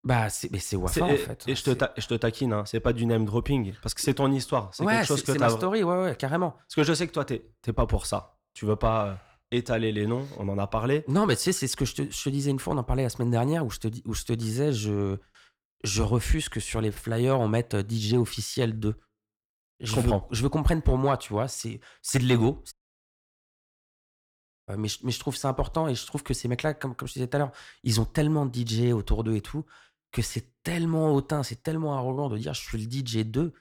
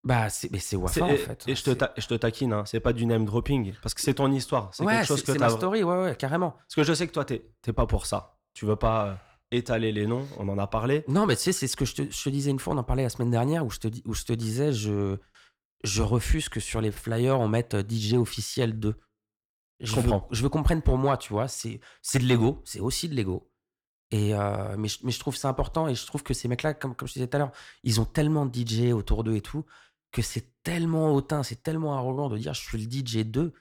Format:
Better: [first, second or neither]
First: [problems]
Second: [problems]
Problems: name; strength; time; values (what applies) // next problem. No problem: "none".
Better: second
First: audio cutting out; at 23 s for 2 s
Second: none